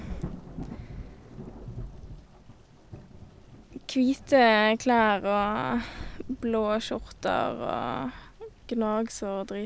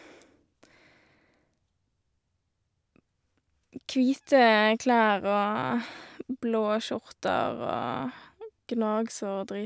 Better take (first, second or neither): second